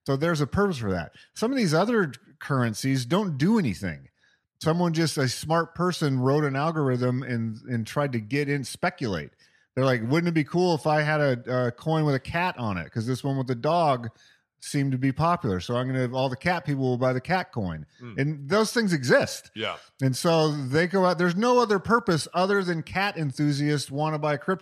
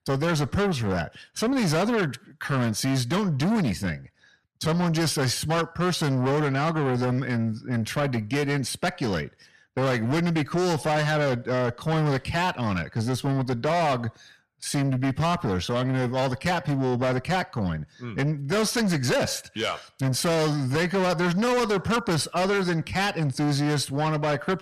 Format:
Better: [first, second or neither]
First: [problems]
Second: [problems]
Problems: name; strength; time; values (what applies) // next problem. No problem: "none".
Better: first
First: none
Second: distortion; heavy; 7 dB below the speech